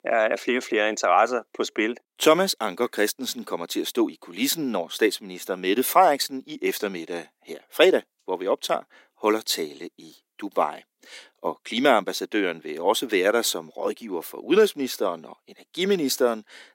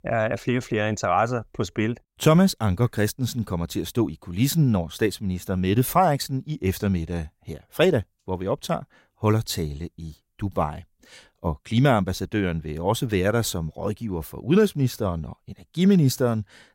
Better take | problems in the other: second | thin; somewhat; fading below 300 Hz

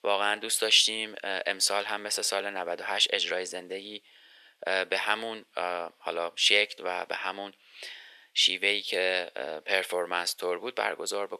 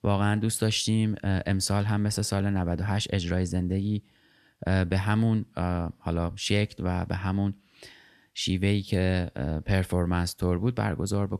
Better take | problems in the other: second | thin; very; fading below 450 Hz

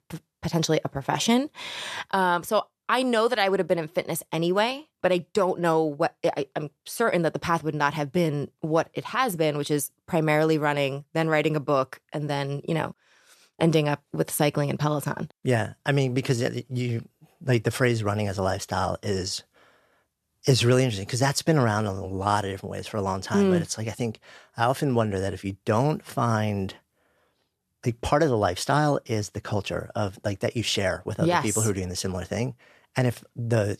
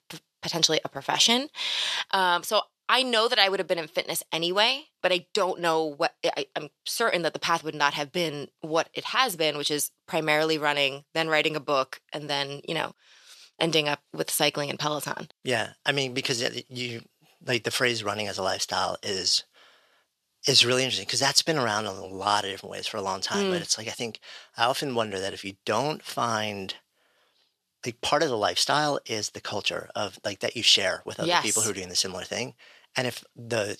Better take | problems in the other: first | thin; somewhat; fading below 550 Hz

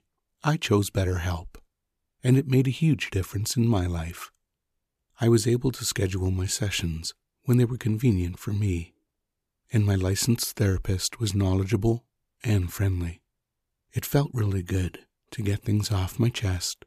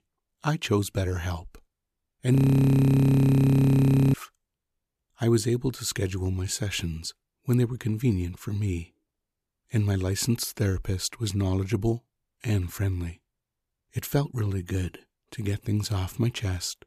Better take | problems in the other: first | audio freezing; at 2.5 s for 2 s

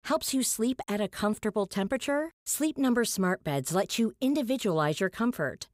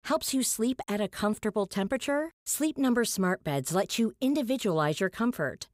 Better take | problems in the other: neither | none

